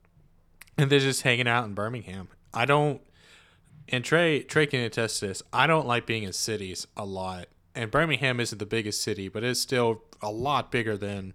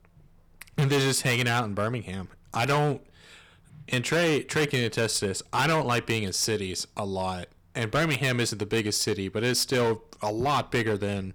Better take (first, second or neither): first